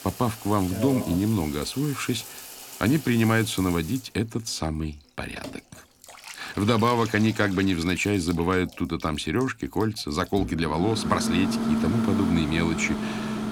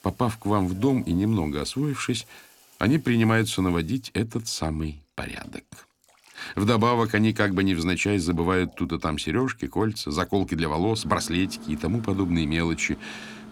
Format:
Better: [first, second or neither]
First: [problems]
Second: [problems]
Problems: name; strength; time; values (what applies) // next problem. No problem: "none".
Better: second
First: household noises; loud; throughout; 7 dB below the speech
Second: household noises; faint; throughout; 20 dB below the speech